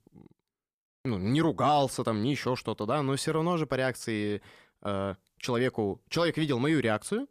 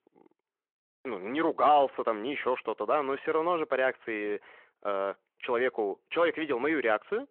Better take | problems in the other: first | phone-call audio

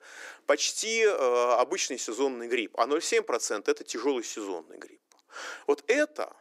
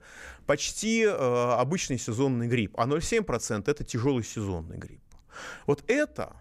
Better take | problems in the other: second | thin; somewhat; fading below 300 Hz

